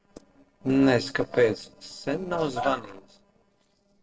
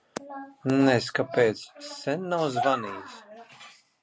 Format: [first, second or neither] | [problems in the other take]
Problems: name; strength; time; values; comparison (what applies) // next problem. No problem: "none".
second | noise reduction (neural separator model SepFormer DNS4)